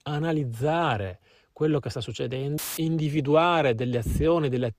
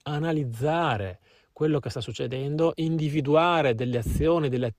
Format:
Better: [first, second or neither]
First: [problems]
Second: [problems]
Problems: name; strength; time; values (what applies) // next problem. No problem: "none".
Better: second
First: audio cutting out; filled with static; at 2.5 s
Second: none